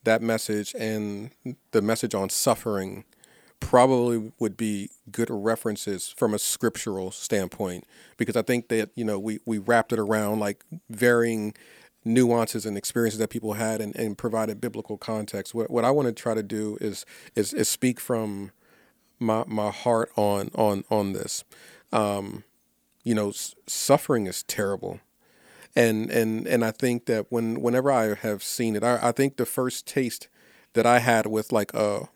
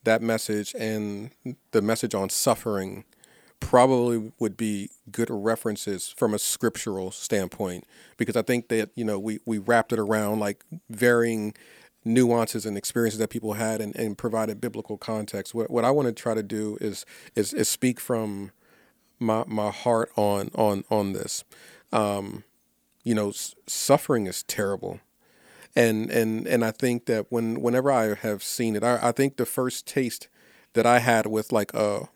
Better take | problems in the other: neither | none

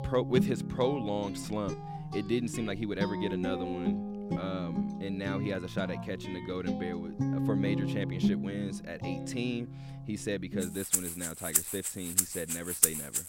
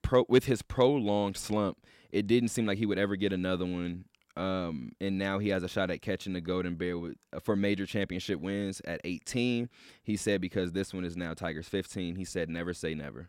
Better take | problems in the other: second | background music; very loud; throughout; 3 dB above the speech

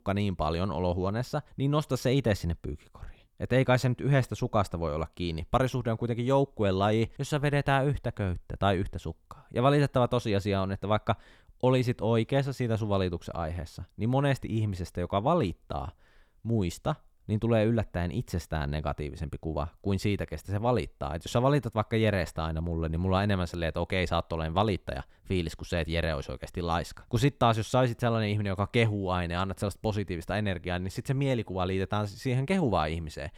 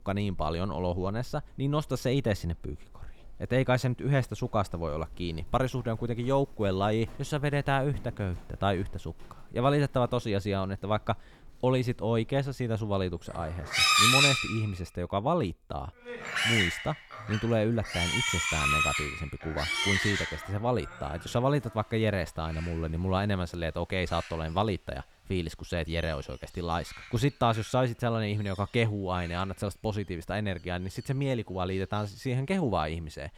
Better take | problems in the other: first | animal sounds; very loud; throughout; 4 dB above the speech

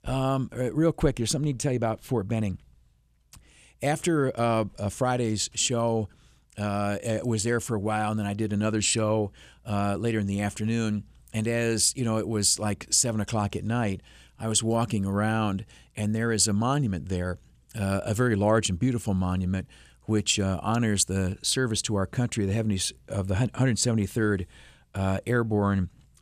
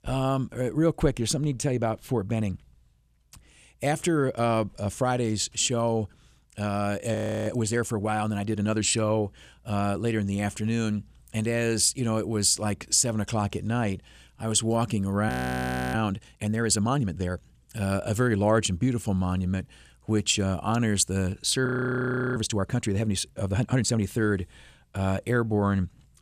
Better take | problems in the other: first | audio freezing; at 7 s, at 15 s for 0.5 s and at 22 s for 0.5 s

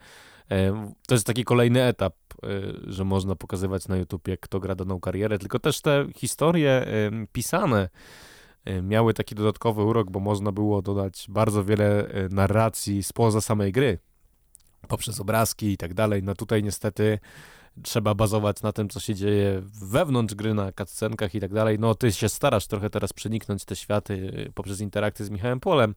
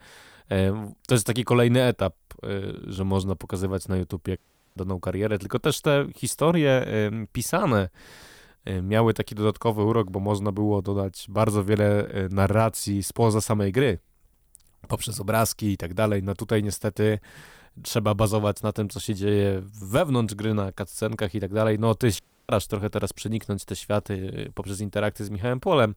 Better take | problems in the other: first | audio cutting out; at 4.5 s and at 22 s

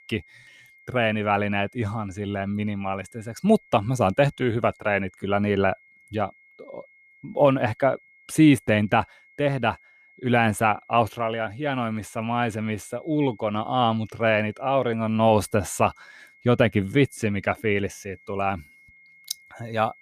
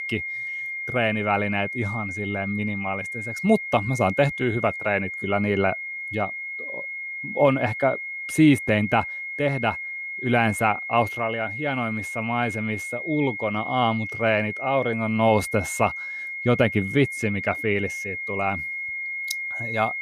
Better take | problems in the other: first | high-pitched whine; loud; throughout; 2 kHz, 6 dB below the speech; faint in the first

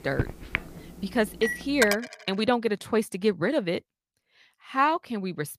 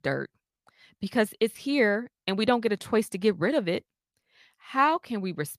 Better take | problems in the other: second | household noises; loud; until 2 s; 4 dB below the speech

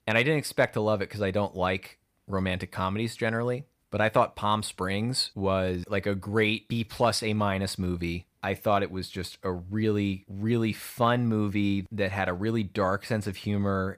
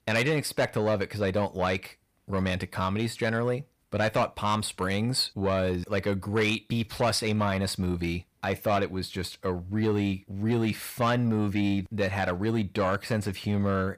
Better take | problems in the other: first | distortion; slight; 10 dB below the speech

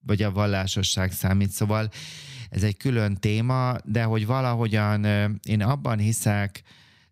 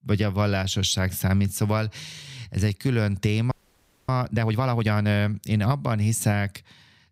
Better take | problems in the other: first | audio freezing; at 3.5 s for 0.5 s

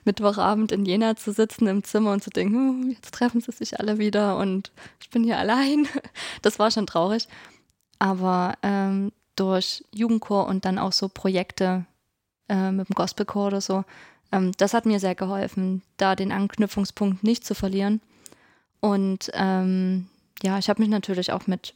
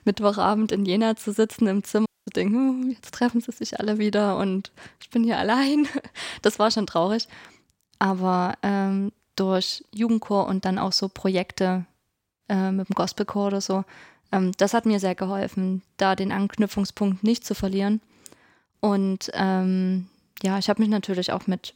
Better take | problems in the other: first | audio cutting out; at 2 s

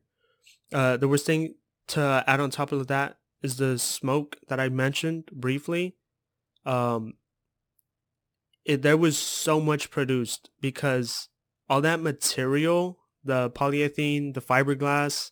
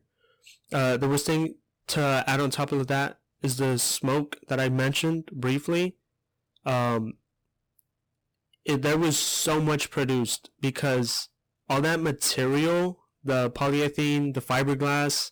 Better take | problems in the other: first | distortion; heavy; 16% of the sound clipped

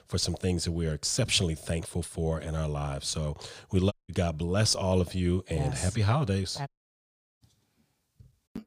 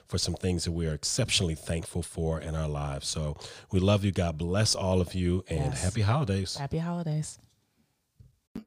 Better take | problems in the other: second | audio cutting out; at 4 s and at 6.5 s for 0.5 s

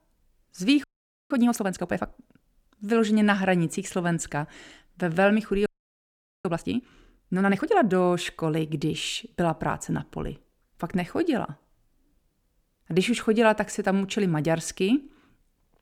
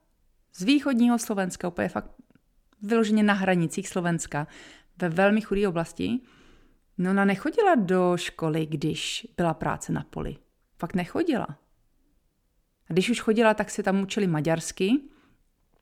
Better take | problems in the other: second | audio freezing; at 1 s and at 5.5 s for 1 s

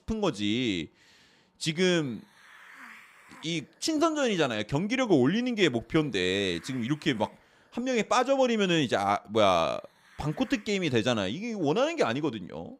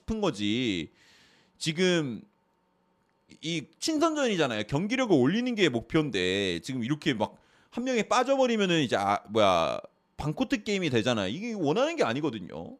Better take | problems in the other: second | hiss; faint; from 2 to 11 s; 25 dB below the speech

